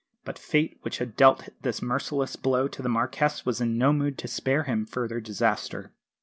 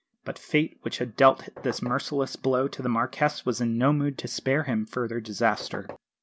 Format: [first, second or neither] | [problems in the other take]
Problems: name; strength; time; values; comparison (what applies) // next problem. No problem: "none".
first | background sound (Knock); 14 dB below the speech